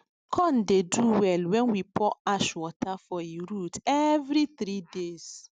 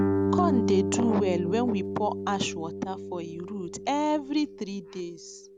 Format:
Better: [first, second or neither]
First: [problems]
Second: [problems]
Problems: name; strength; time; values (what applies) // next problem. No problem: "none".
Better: first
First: none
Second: background sound (Guitar); 1 dB below the speech